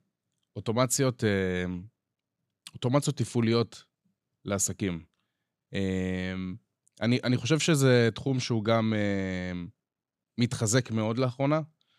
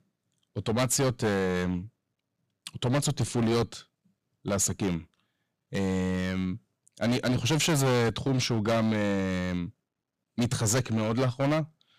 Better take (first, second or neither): first